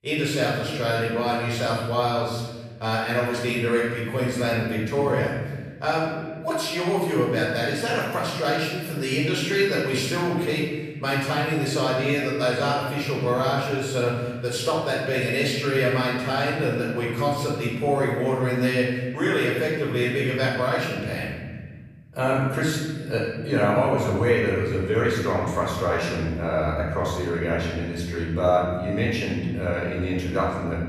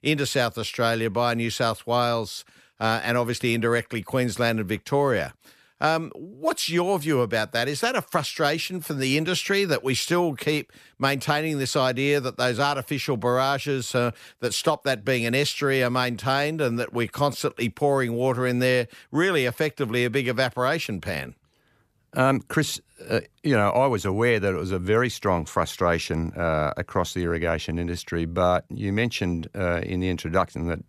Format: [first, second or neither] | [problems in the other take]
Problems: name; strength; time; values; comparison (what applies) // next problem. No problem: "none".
second | off-mic speech; far // room echo; noticeable; dies away in 1.8 s